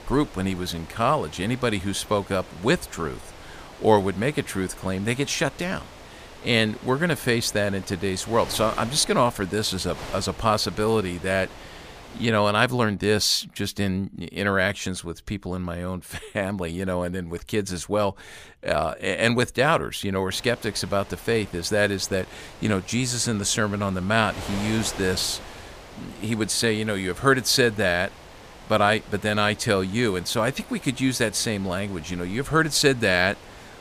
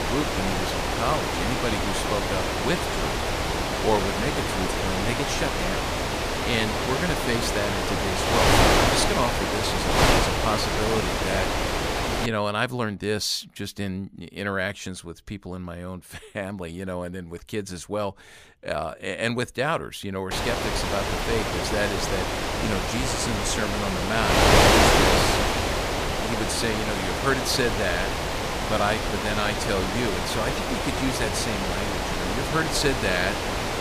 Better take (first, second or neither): first